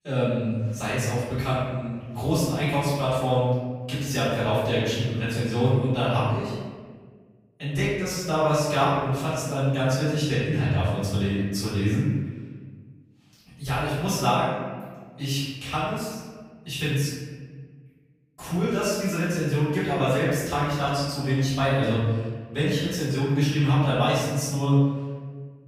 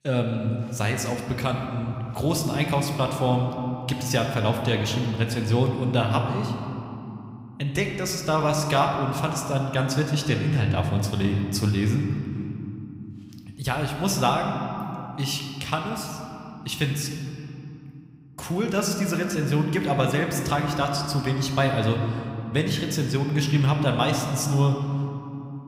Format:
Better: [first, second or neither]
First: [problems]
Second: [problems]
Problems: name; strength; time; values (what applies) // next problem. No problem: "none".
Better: second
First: room echo; strong; dies away in 1.4 s // off-mic speech; far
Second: room echo; slight; dies away in 2.9 s